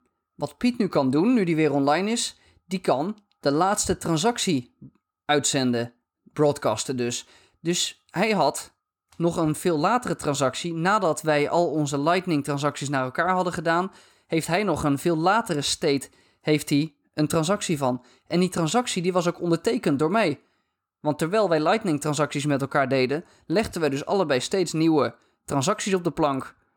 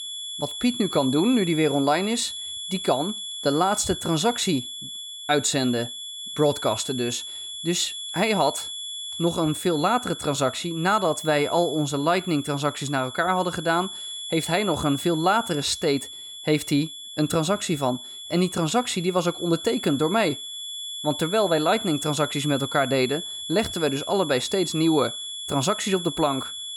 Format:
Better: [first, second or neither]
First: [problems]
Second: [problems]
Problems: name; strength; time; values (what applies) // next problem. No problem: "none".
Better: first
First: none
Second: high-pitched whine; loud; throughout; 3.5 kHz, 8 dB below the speech